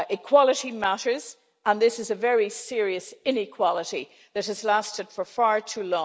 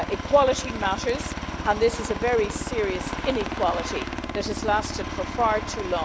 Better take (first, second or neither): first